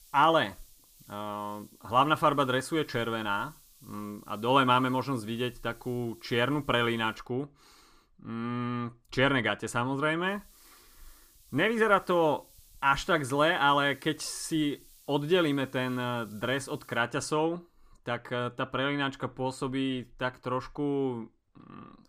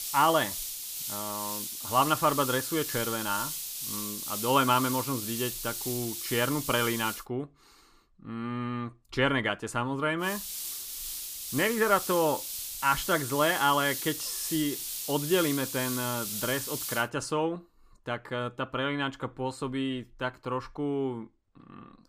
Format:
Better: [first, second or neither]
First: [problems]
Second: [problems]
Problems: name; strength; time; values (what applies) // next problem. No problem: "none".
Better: first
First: hiss; faint; until 7 s and from 10 to 17 s; 25 dB below the speech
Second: hiss; loud; until 7 s and from 10 to 17 s; 4 dB below the speech